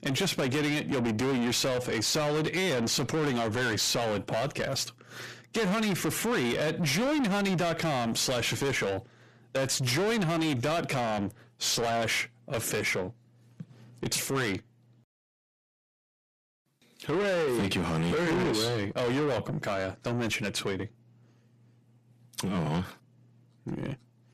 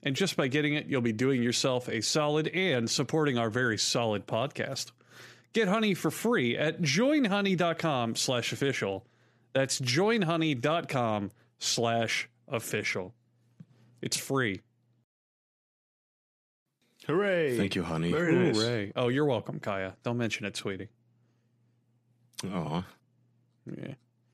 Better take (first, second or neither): second